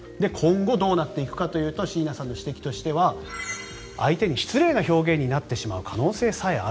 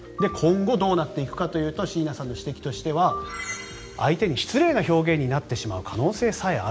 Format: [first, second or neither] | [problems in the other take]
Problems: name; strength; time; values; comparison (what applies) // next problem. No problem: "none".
first | background sound (Marimba, xylophone); 18 dB below the speech